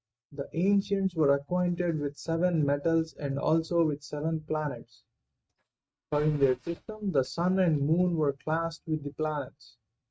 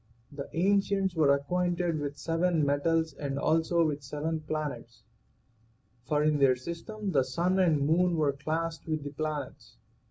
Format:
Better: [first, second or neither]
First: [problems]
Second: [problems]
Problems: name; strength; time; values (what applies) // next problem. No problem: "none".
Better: second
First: noise reduction (neural mask model RNNoise)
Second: none